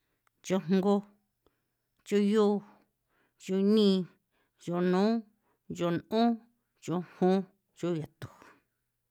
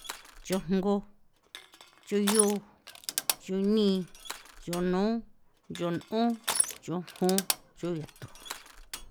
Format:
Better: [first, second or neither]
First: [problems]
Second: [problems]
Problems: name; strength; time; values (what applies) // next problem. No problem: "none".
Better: first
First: none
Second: background sound (Crushing); 6 dB below the speech